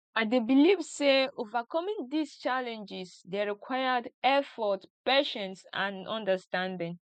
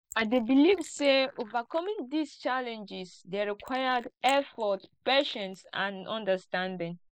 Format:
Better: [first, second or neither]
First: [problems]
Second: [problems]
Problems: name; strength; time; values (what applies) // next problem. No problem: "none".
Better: first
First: none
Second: noise reduction (neural mask model Resemble Enhance denoiser)